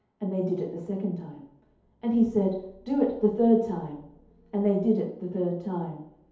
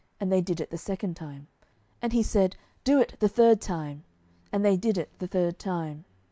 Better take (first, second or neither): second